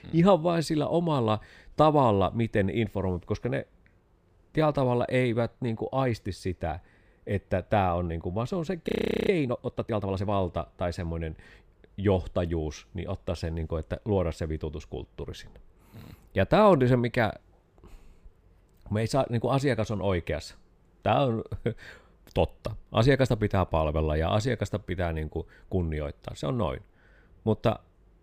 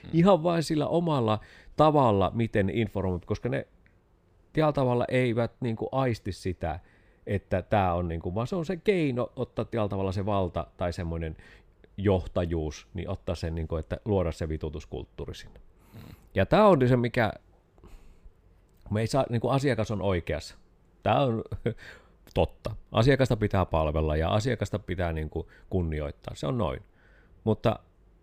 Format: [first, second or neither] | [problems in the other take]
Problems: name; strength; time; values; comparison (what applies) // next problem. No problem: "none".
second | audio freezing; at 9 s